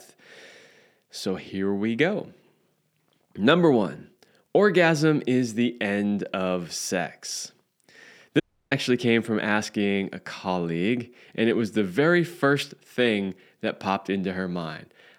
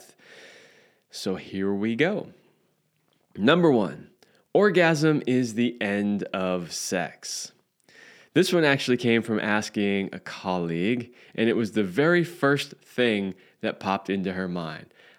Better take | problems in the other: second | audio cutting out; at 8.5 s

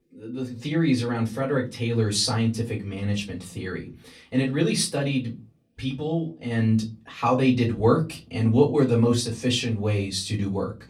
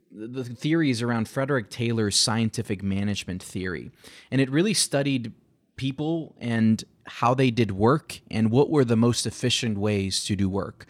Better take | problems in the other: second | off-mic speech; far // room echo; very slight; dies away in 0.2 s

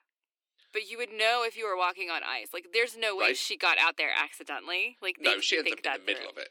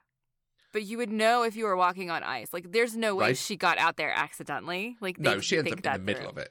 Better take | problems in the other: second | thin; somewhat; fading below 300 Hz

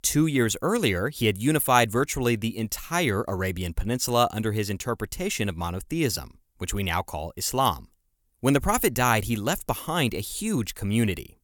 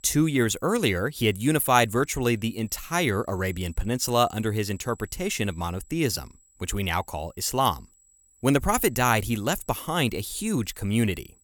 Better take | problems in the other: first | high-pitched whine; faint; throughout; 8 kHz, 30 dB below the speech

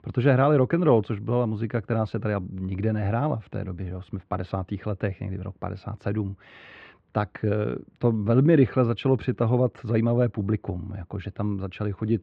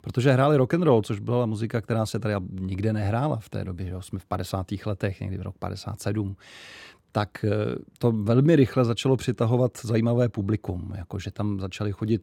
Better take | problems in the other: second | muffled; very; fading above 2.5 kHz

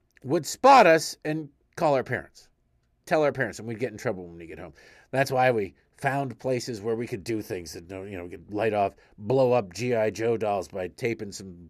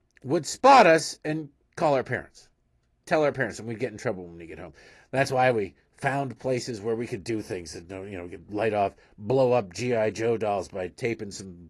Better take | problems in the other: first | garbled, watery; slightly; nothing above 11 kHz

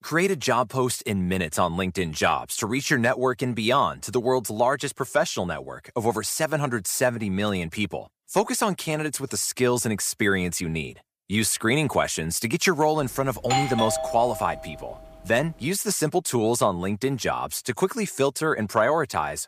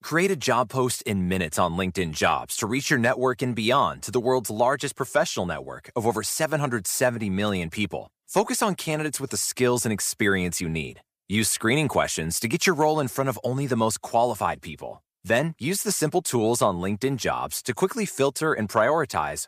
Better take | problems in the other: second | doorbell; noticeable; from 13 to 15 s; peak level with the speech

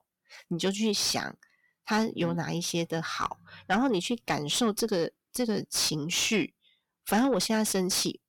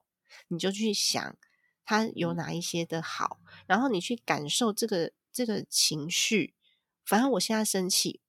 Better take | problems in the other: second | distortion; slight; 10 dB below the speech

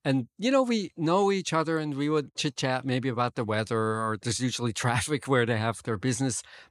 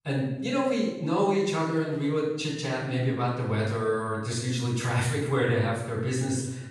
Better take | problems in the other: first | off-mic speech; far // room echo; noticeable; dies away in 0.9 s

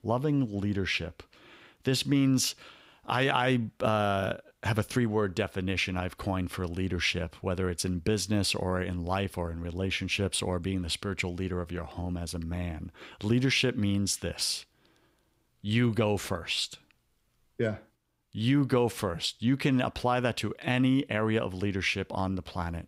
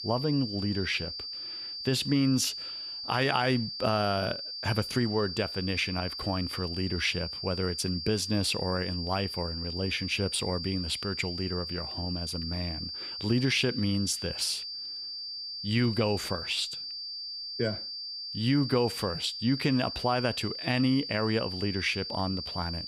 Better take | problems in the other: first | high-pitched whine; loud; throughout; 4.5 kHz, 5 dB below the speech

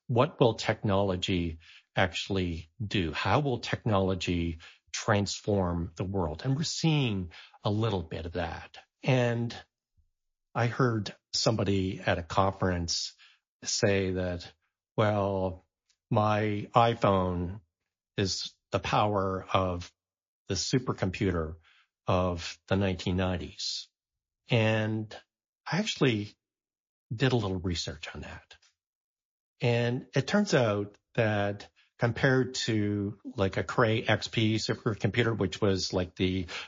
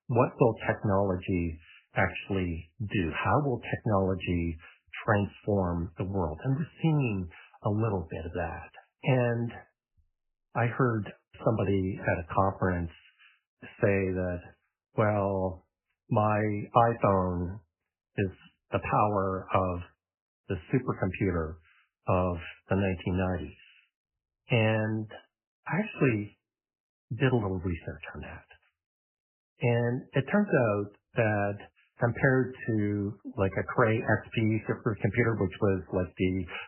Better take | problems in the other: first | garbled, watery; badly; nothing above 3 kHz; slightly in the first

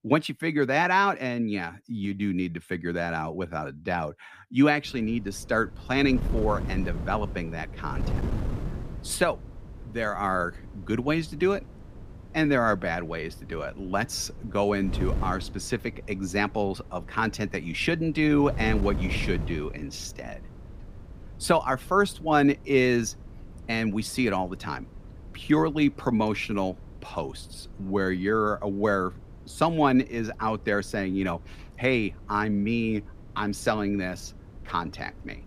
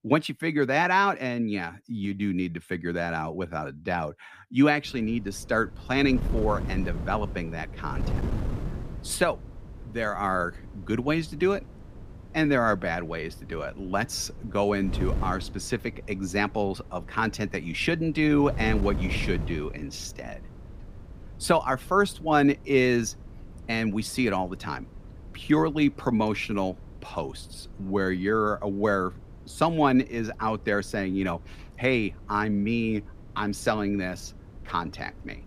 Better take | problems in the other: neither | wind noise on the microphone; occasional gusts; from 5 s on; 20 dB below the speech; the same in both

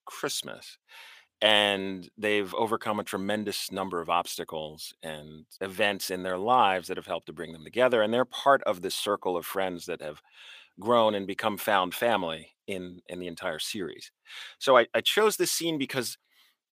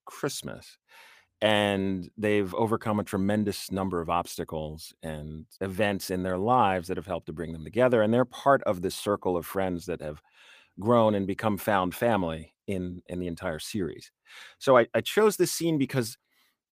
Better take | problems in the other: second | thin; very slightly; fading below 1 kHz

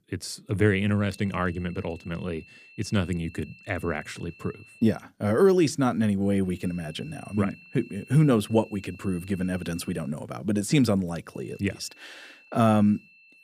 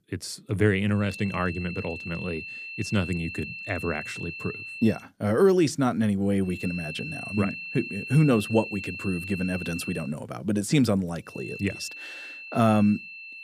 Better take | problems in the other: first | high-pitched whine; loud; from 1 to 5 s, from 6.5 to 10 s and from 11 s on; 2.5 kHz, 9 dB below the speech; faint in the first

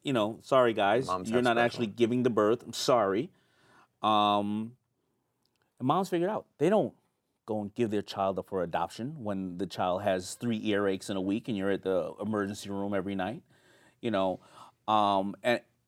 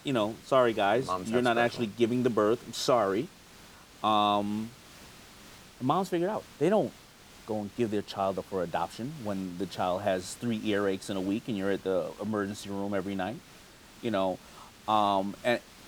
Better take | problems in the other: first | hiss; faint; throughout; 20 dB below the speech

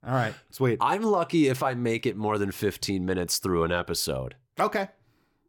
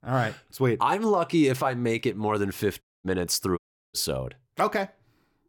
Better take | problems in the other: first | audio cutting out; at 3 s and at 3.5 s

